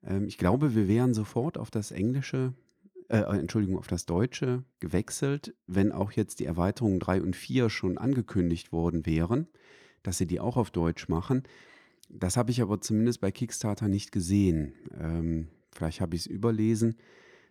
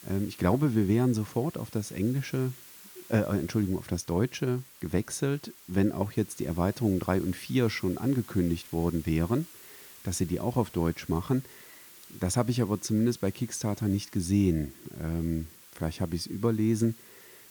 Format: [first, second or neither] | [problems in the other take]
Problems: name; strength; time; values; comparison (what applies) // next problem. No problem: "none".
first | hiss; noticeable; throughout; 20 dB below the speech